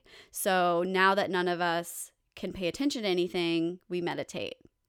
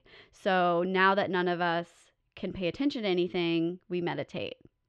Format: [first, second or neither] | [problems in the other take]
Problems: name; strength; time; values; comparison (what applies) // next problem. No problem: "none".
first | muffled; very slightly; fading above 3.5 kHz